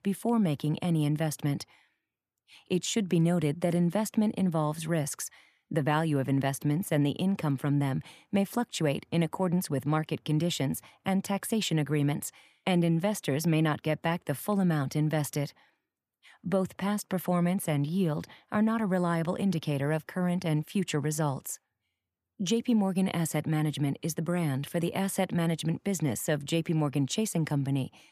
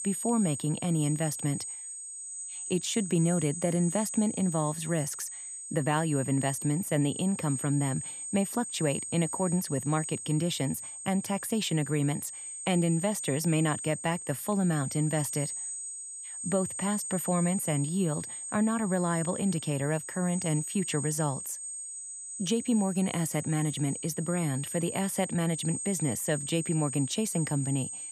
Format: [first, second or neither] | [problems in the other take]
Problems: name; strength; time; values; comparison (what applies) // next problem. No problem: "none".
first | high-pitched whine; loud; throughout; 8.5 kHz, 6 dB below the speech